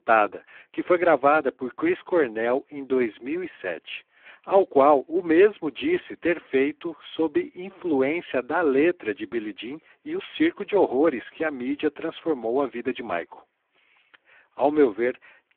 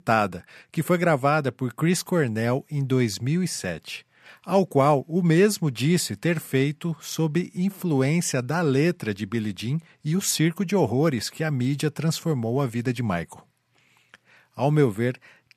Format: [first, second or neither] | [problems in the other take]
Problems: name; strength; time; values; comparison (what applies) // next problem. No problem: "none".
second | phone-call audio; poor line